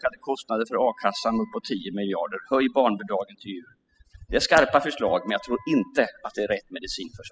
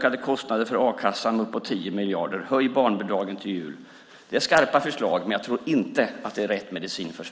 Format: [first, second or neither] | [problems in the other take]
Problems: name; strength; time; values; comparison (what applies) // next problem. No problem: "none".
second | noise reduction (classical method spectral subtraction)